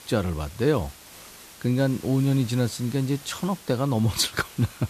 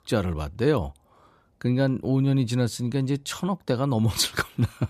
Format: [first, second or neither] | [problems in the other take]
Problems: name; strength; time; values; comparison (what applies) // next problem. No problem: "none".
second | hiss; noticeable; throughout; 20 dB below the speech